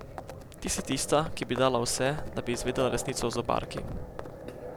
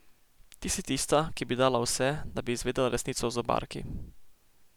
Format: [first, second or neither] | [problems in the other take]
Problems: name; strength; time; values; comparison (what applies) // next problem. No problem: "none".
second | background sound (Livestock, farm animals, working animals); 10 dB below the speech